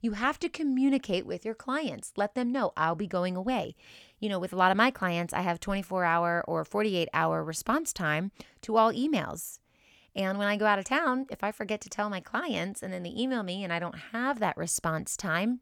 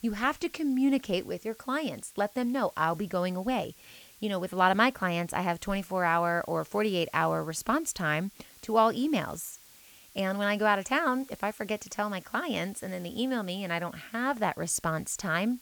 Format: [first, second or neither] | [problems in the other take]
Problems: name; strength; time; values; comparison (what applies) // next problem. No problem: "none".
first | hiss; faint; throughout; 25 dB below the speech